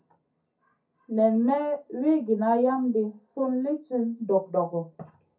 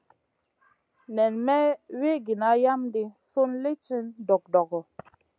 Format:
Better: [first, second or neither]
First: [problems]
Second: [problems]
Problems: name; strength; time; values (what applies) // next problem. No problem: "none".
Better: second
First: room echo; dies away in 0.3 s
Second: none